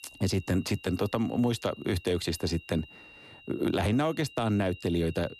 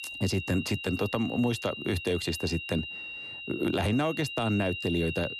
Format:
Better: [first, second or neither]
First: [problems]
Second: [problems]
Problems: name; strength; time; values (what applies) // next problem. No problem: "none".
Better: first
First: high-pitched whine; faint; throughout; 3 kHz, 20 dB below the speech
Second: high-pitched whine; loud; throughout; 3 kHz, 7 dB below the speech